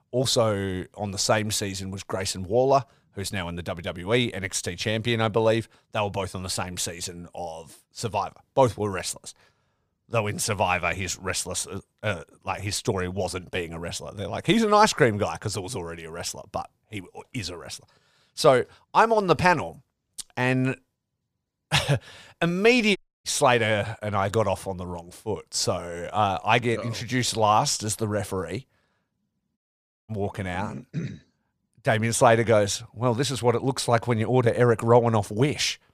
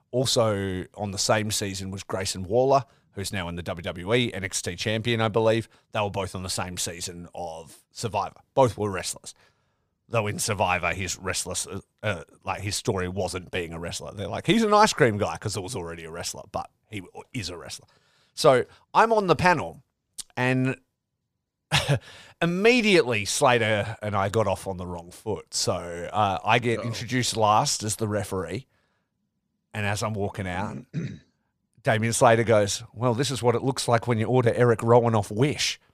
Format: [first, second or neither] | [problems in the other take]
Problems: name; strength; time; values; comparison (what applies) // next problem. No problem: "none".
second | audio cutting out; at 23 s and at 30 s for 0.5 s